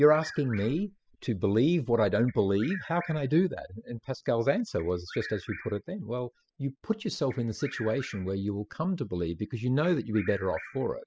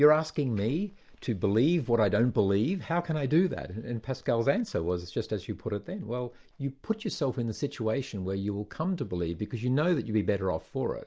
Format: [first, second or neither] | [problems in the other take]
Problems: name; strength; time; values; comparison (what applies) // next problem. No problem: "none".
second | noise reduction (classical method spectral subtraction)